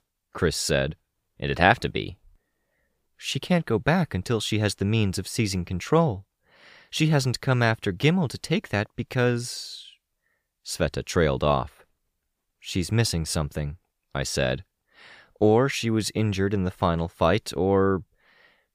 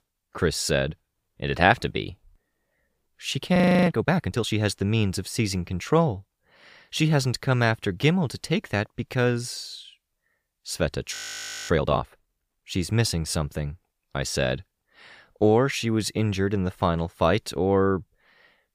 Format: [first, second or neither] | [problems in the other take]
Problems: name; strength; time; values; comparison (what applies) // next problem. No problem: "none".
first | audio freezing; at 3.5 s and at 11 s for 0.5 s